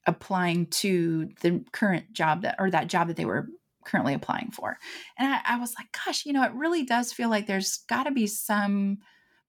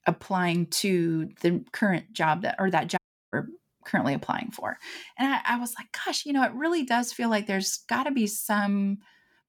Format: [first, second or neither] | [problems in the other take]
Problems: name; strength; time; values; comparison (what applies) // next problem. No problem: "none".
first | audio cutting out; at 3 s